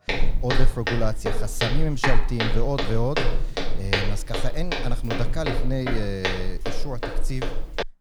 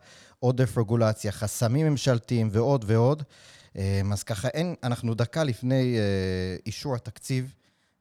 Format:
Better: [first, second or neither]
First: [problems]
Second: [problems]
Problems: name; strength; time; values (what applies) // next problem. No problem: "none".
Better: second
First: footsteps; loud; peak 5 dB above the speech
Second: none